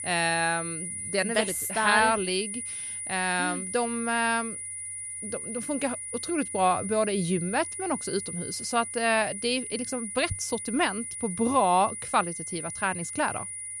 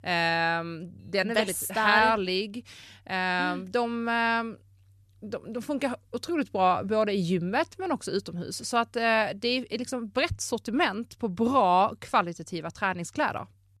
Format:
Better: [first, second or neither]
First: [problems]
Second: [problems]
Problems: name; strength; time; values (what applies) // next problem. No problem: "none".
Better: second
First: high-pitched whine; loud; throughout; 9.5 kHz, 6 dB below the speech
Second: none